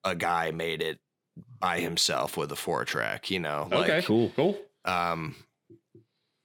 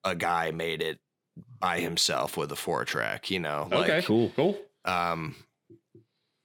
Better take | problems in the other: neither | none

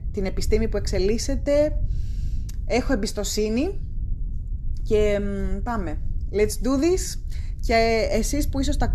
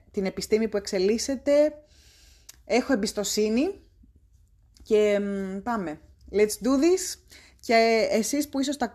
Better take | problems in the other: second | low rumble; faint; throughout; 25 dB below the speech

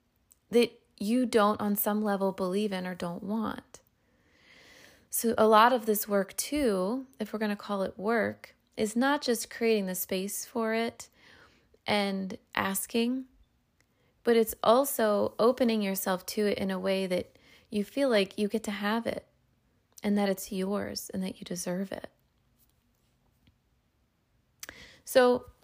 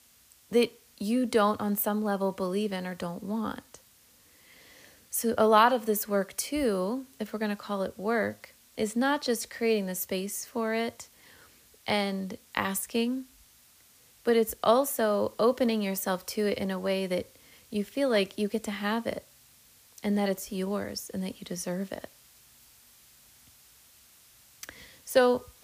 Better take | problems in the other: first | hiss; faint; throughout; 25 dB below the speech

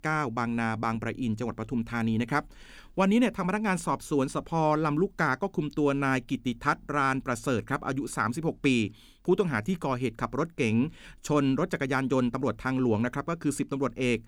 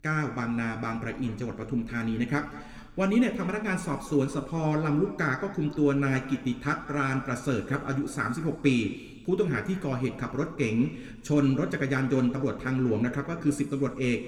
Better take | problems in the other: first | room echo; slight; dies away in 1.5 s

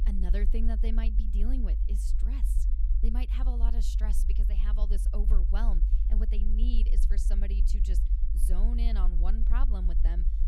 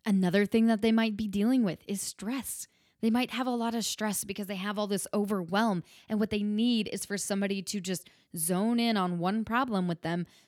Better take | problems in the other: second | low rumble; loud; throughout; 7 dB below the speech

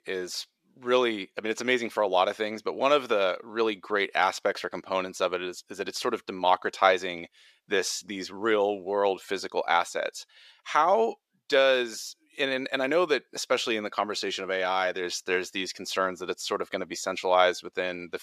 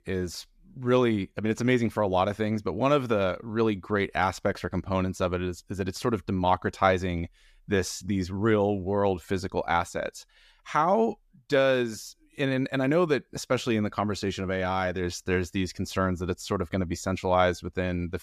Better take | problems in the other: second | thin; somewhat; fading below 450 Hz

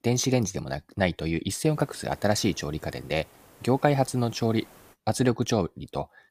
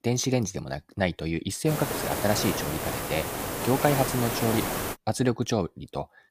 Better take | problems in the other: first | hiss; loud; from 1.5 to 5 s; 2 dB below the speech; faint in the first

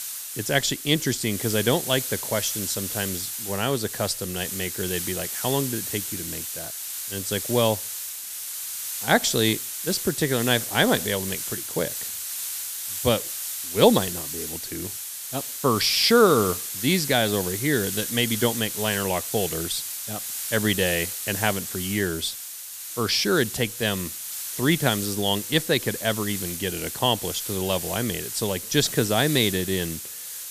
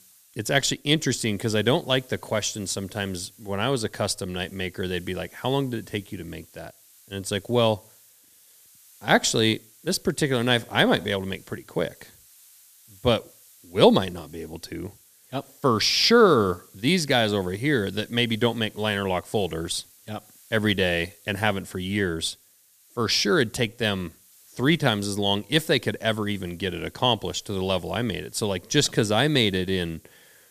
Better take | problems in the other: second | hiss; loud; throughout; 5 dB below the speech; faint in the second

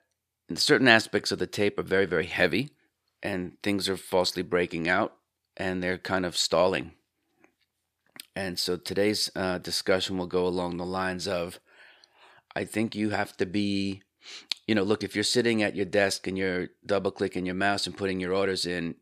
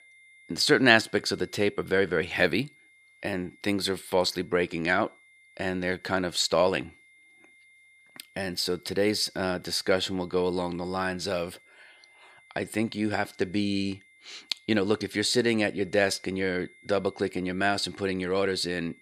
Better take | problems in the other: first | high-pitched whine; faint; throughout; 2 kHz, 30 dB below the speech

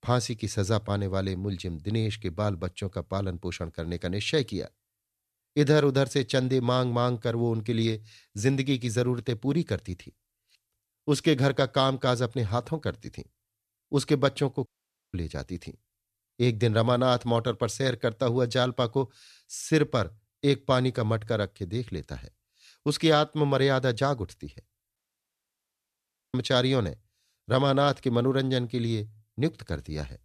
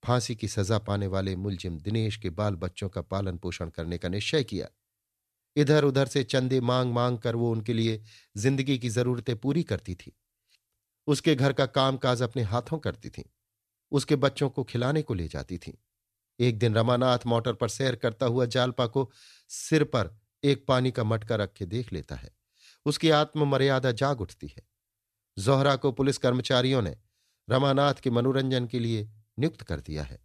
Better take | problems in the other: second | audio cutting out; at 15 s and at 25 s for 1.5 s

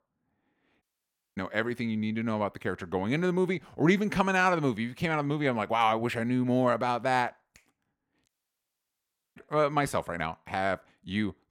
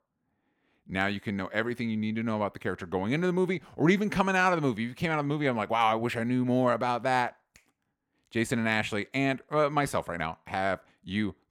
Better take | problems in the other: second | audio cutting out; at 1 s for 0.5 s and at 8.5 s for 1 s

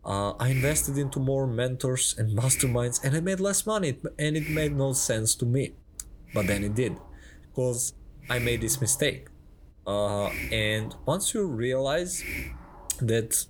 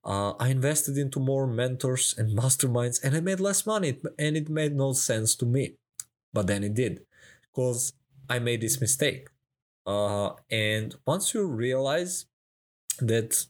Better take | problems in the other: second | hiss; noticeable; throughout; 10 dB below the speech

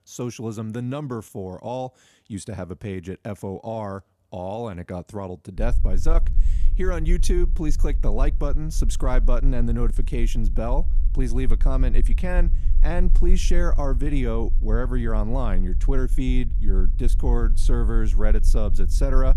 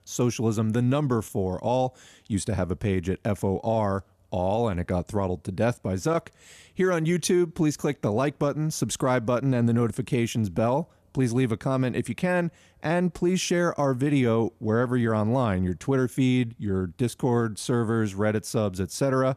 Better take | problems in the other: second | low rumble; noticeable; from 5.5 s on; 15 dB below the speech

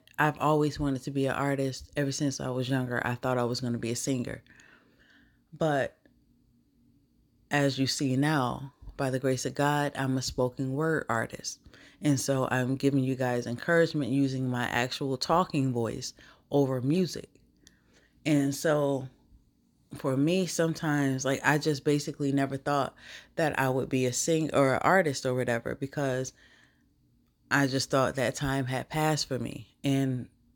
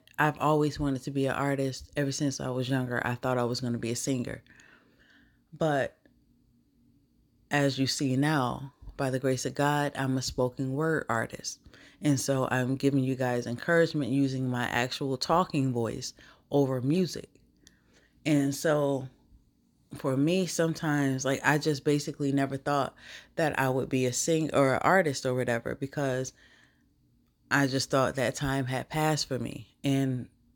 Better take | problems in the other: neither | none

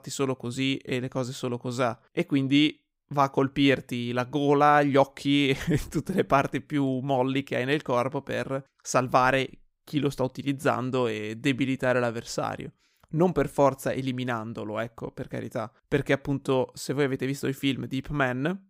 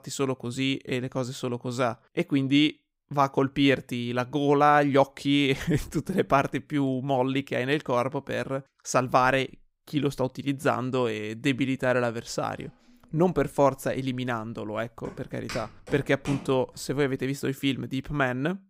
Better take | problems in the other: first | footsteps; faint; from 13 to 17 s; peak 10 dB below the speech

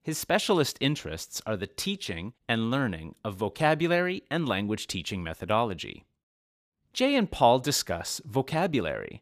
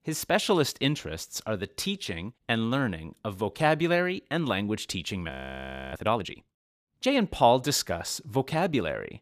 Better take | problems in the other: first | audio freezing; at 5.5 s for 0.5 s

